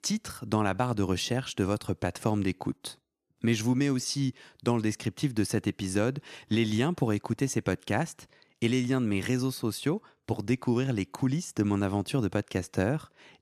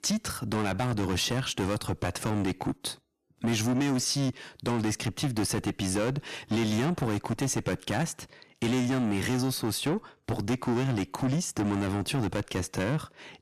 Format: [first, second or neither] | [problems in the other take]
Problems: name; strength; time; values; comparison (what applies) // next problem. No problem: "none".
first | distortion; heavy; 6 dB below the speech